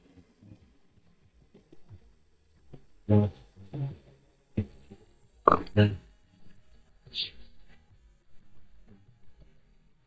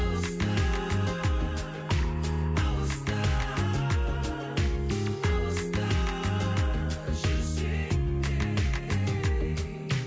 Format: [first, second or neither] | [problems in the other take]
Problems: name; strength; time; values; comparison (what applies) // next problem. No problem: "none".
second | noise reduction (neural mask model DeepFilterNet 3)